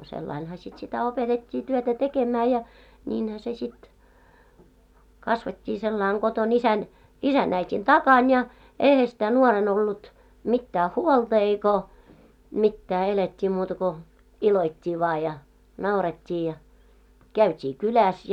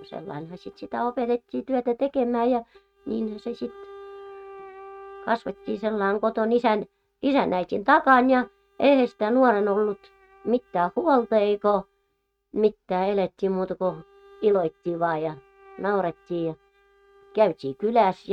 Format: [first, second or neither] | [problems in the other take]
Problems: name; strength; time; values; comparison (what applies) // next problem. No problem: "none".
first | noise reduction (neural mask model RNNoise)